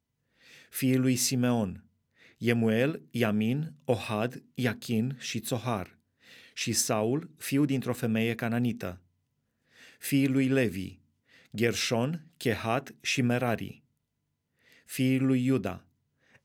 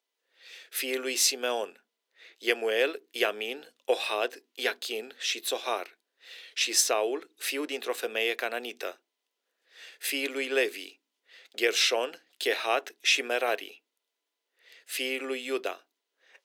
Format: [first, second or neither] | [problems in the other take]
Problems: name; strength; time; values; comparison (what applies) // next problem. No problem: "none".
first | thin; very; fading below 350 Hz